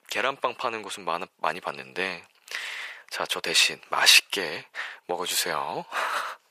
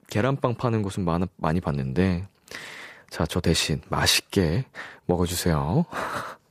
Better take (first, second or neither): second